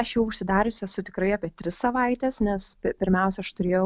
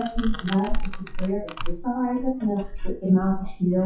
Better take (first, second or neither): first